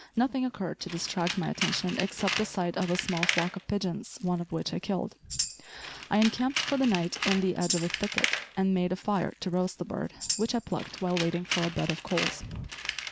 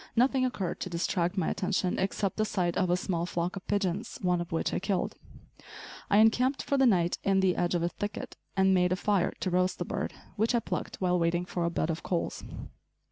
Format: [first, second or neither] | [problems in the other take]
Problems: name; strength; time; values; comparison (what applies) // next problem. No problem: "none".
second | background sound (Tambourine + Tools); 6 dB below the speech